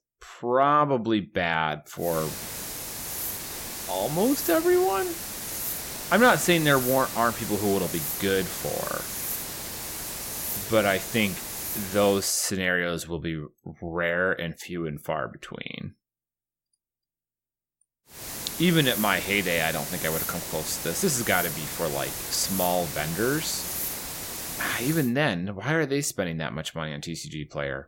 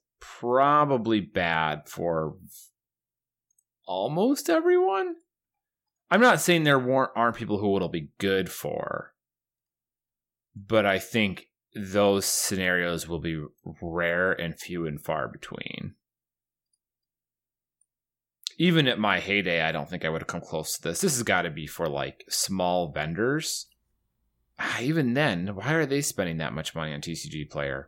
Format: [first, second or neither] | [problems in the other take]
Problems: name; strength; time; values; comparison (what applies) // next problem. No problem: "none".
second | hiss; loud; from 2 to 12 s and from 18 to 25 s; 5 dB below the speech